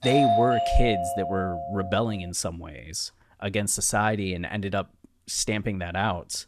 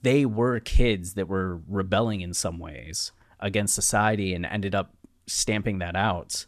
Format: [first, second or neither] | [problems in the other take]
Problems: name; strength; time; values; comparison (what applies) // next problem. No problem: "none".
second | doorbell; loud; until 2 s; peak 6 dB above the speech